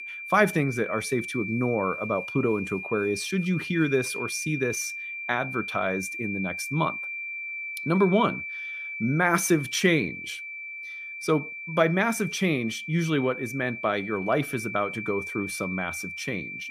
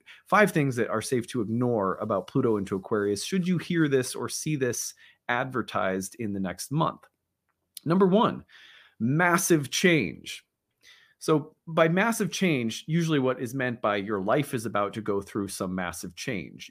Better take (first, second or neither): second